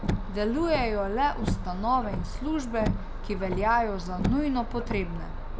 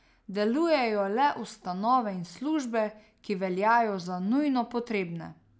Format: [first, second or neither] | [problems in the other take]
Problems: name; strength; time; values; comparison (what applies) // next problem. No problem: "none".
second | background sound (Car); 2 dB below the speech